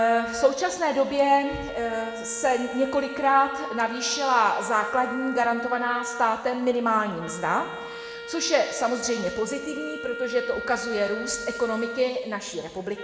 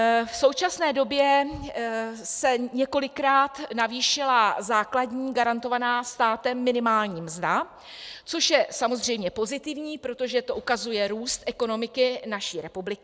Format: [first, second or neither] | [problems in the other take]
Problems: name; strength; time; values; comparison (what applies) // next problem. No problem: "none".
second | background sound (Wind instrument, woodwind instrument); 11 dB below the speech // room echo; dies away in 1.6 s